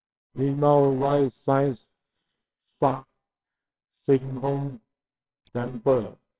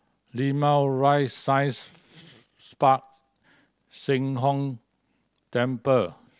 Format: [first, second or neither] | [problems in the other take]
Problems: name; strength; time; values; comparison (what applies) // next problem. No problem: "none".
second | noise reduction (neural separator model SepFormer WHAMR!)